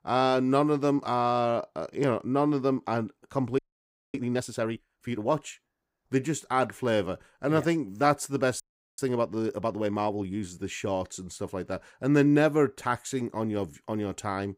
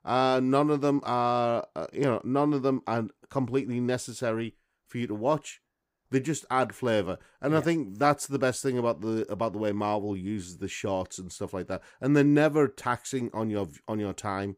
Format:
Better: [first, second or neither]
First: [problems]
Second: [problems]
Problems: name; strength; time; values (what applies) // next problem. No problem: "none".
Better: second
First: audio freezing; at 3.5 s for 0.5 s and at 8.5 s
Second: none